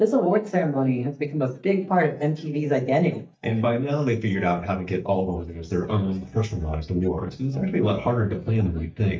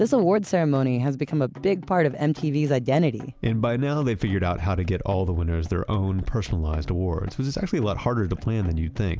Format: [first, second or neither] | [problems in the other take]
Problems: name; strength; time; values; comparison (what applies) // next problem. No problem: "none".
second | noise reduction (neural mask model DeepFilterNet 3)